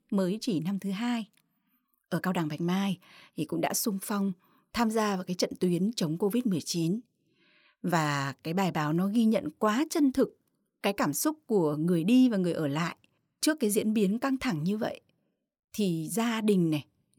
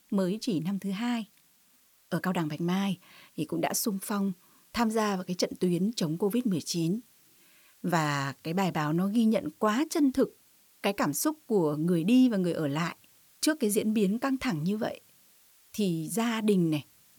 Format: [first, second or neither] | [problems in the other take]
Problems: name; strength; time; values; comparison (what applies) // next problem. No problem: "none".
first | hiss; faint; throughout; 30 dB below the speech